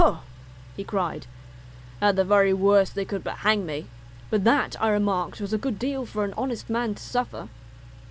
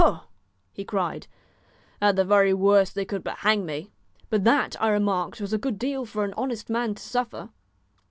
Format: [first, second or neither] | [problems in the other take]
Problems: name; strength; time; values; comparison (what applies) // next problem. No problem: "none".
second | background sound (Engine); 18 dB below the speech